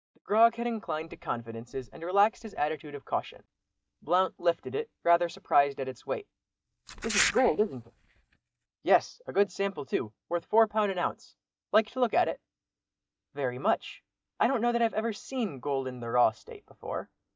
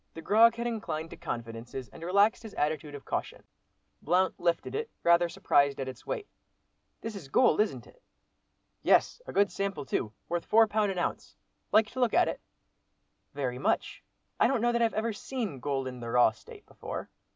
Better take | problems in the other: second | noise reduction (neural mask model DeepFilterNet 3)

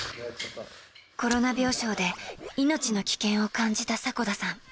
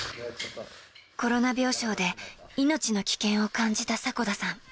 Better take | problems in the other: second | background sound (Shatter + Scratching (performance technique)); 14 dB below the speech

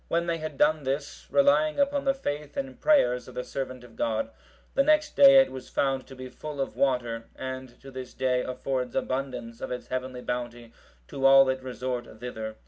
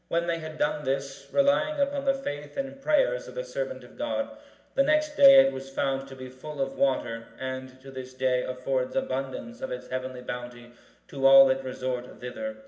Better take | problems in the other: first | room echo; dies away in 0.8 s

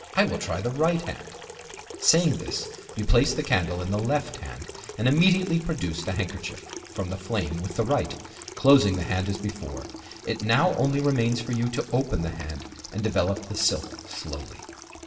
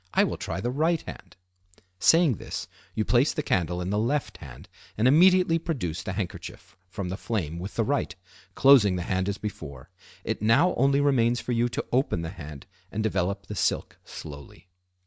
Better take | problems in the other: second | background sound (Sink (filling or washing) / Water tap, faucet); 14 dB below the speech // room echo; dies away in 1.5 s

